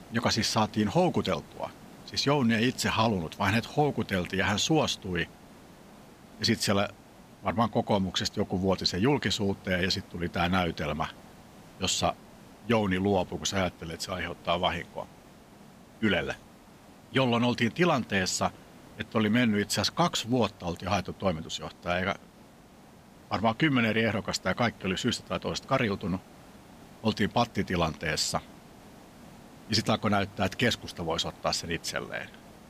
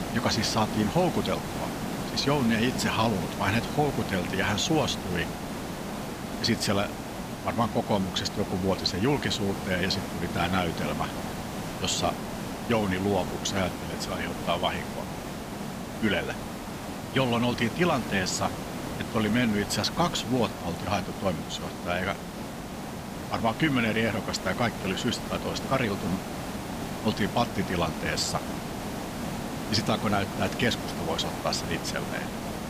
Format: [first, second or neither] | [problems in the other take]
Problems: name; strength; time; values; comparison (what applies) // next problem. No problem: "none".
first | hiss; loud; throughout; 6 dB below the speech; faint in the first